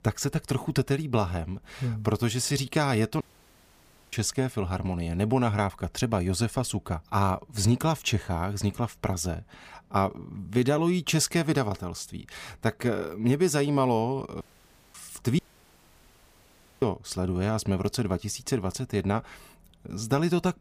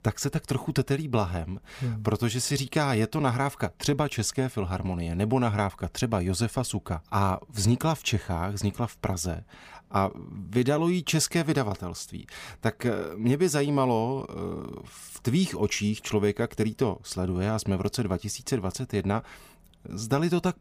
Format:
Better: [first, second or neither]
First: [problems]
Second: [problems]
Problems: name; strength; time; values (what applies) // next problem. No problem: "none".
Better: second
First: audio cutting out; at 3 s for 1 s, at 14 s for 0.5 s and at 15 s for 1.5 s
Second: none